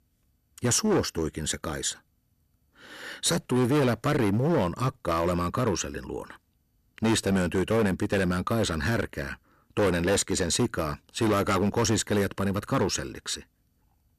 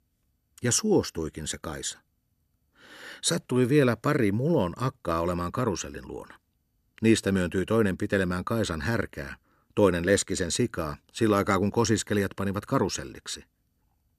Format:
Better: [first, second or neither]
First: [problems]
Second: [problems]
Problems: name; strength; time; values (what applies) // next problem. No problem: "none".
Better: second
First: distortion; heavy; 10% of the sound clipped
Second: none